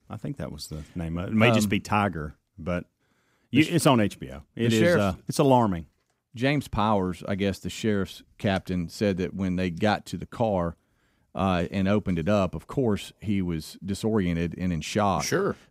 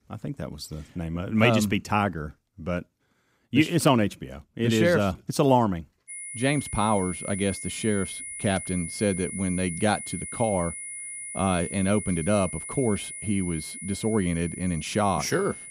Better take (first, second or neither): first